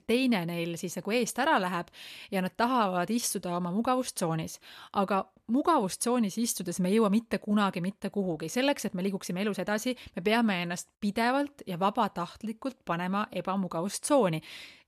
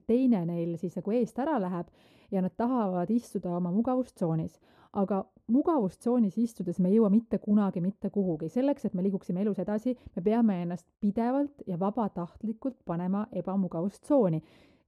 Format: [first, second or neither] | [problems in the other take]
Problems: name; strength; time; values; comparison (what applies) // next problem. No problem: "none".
first | muffled; very; fading above 1 kHz